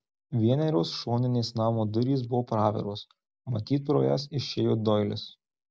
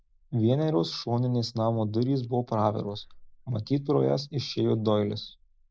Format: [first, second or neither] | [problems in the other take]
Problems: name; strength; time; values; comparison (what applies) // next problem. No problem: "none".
first | noise reduction (neural mask model Resemble Enhance denoiser)